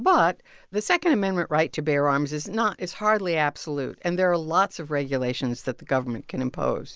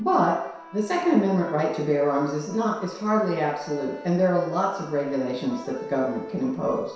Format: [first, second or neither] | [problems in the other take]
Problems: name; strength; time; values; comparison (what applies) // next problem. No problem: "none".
first | background sound (Accordion); 15 dB below the speech // room echo; dies away in 0.7 s